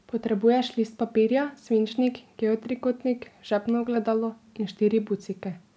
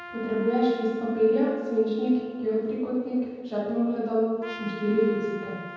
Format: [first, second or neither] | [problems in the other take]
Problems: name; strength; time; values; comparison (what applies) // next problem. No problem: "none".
first | background sound (Trumpet); 17 dB below the speech // room echo; dies away in 1.2 s